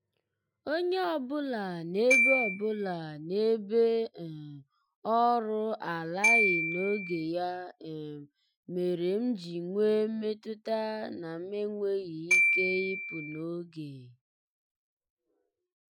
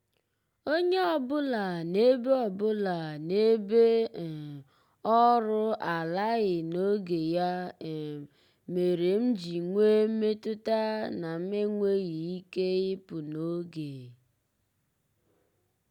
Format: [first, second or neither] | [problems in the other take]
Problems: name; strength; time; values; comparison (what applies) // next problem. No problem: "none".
second | noise reduction (classical method Wiener filter)